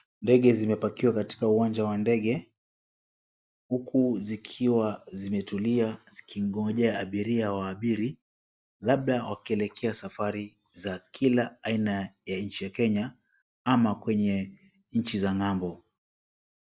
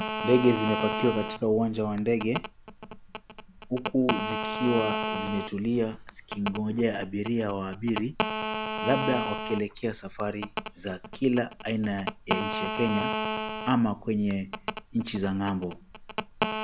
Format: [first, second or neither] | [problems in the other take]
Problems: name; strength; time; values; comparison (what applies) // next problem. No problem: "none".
first | background sound (Telephone); 5 dB below the speech